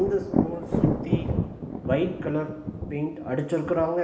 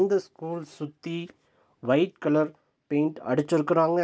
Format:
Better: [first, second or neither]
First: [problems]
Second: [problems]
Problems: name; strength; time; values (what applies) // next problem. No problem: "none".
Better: second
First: background sound (Thunder); as loud as the speech // room echo; dies away in 1.1 s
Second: none